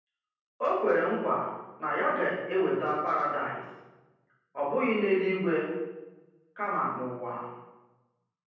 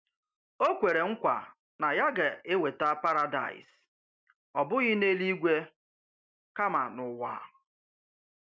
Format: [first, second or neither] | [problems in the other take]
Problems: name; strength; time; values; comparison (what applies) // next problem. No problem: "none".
second | room echo; dies away in 1.1 s